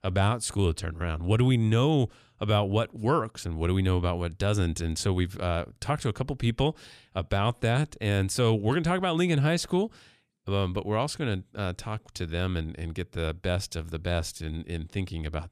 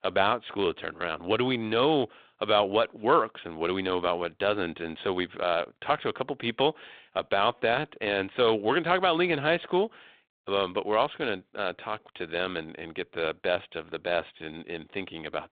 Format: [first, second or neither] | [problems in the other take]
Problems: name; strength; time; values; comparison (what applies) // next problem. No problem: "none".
first | phone-call audio; nothing above 3.5 kHz